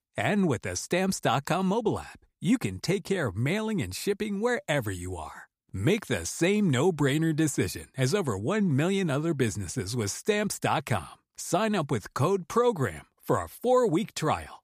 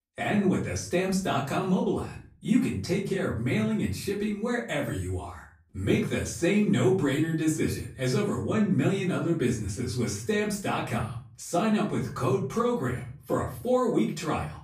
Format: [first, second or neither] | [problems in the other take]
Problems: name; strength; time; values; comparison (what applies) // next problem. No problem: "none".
first | off-mic speech; far // room echo; slight; dies away in 0.4 s